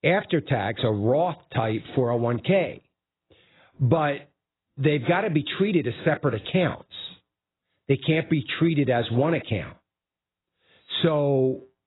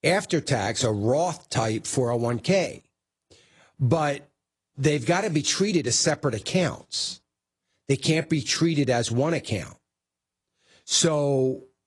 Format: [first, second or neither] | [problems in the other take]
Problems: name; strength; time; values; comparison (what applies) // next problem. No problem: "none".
second | garbled, watery; badly; nothing above 4 kHz; slightly in the second